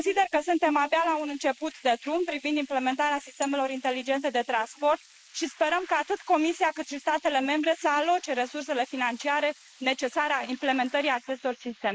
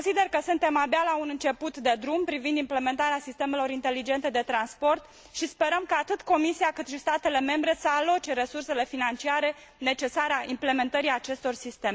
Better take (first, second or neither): second